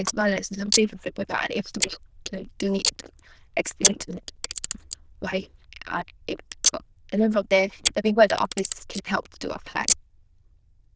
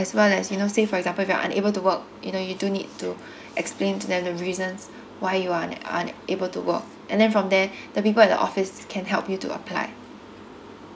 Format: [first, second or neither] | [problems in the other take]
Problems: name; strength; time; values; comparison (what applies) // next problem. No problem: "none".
second | noise reduction (neural diffusion model UNIVERSE++)